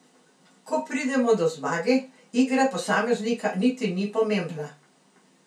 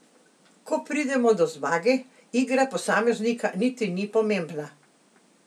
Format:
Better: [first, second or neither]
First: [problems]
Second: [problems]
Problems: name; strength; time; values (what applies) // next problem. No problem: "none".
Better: second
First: room echo; dies away in 0.2 s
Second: none